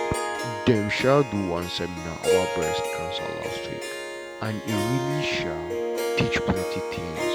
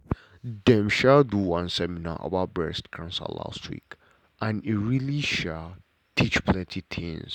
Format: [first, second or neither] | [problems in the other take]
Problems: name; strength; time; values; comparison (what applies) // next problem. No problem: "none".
second | background sound (Harp); 1 dB below the speech